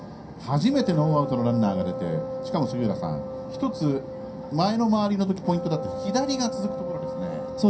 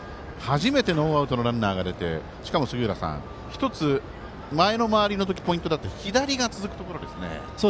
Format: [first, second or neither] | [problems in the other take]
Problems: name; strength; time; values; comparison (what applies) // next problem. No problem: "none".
second | background sound (Wind instrument, woodwind instrument); 8 dB below the speech // room echo; dies away in 0.3 s